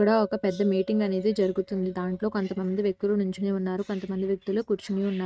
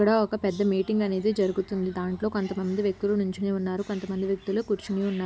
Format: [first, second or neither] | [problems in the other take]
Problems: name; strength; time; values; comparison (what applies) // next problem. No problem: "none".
second | noise reduction (neural mask model RNNoise)